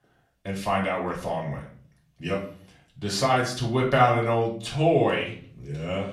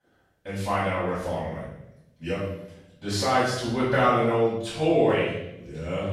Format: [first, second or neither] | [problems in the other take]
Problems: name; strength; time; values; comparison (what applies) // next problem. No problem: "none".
first | room echo; strong; dies away in 0.8 s; slight in the first // off-mic speech; far; far in the first